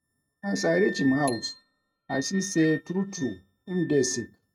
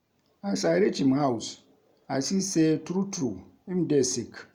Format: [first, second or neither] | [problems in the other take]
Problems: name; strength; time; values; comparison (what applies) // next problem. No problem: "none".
second | noise reduction (neural mask model RNNoise)